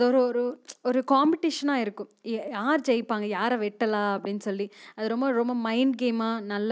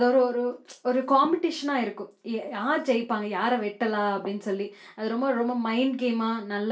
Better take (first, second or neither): first